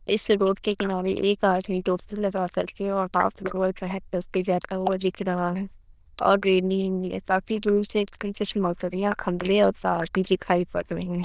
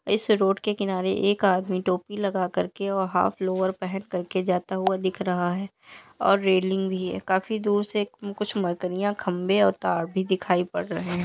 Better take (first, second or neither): second